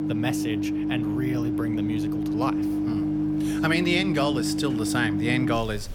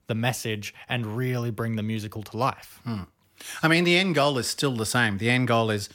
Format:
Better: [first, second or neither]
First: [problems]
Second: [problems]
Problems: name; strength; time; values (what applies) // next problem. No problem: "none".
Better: second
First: household noises; very loud; throughout; 2 dB above the speech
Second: none